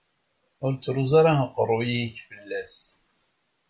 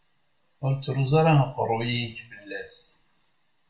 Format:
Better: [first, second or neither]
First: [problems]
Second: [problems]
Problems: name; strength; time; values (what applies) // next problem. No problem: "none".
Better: first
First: none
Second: room echo; dies away in 0.4 s